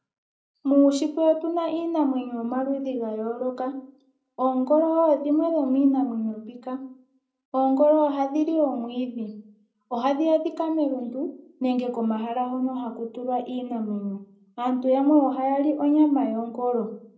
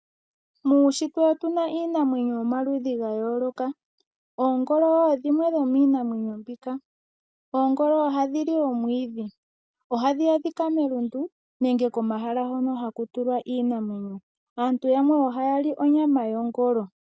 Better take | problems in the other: second | room echo; dies away in 0.5 s

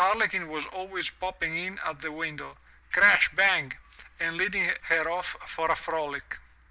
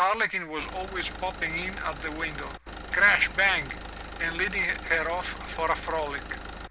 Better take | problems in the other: first | background sound (Engine); 10 dB below the speech

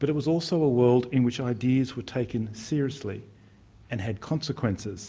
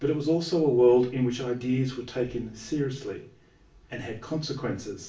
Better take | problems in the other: first | room echo; dies away in 0.3 s

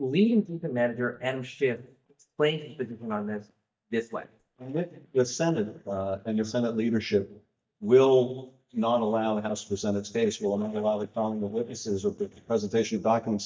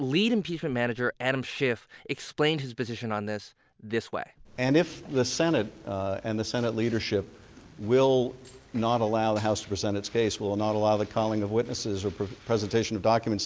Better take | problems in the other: second | noise reduction (neural mask model DeepFilterNet 3)

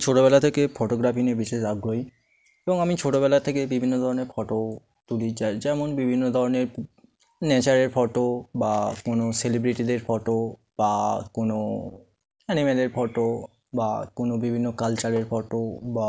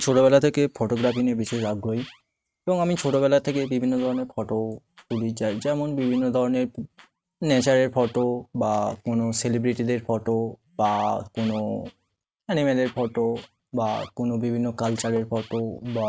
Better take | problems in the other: first | noise reduction (neural mask model RNNoise)

